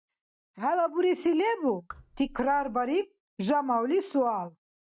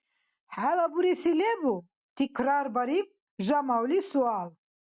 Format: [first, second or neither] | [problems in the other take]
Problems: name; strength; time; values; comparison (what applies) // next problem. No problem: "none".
second | noise reduction (neural mask model DeepFilterNet 3)